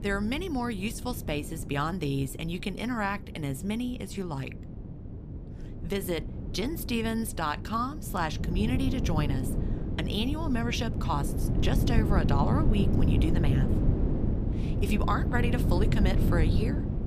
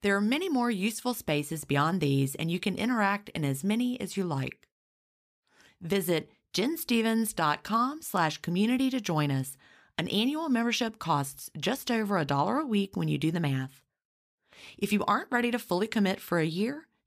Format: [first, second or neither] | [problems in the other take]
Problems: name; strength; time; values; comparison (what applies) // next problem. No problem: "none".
second | wind noise on the microphone; heavy; 6 dB below the speech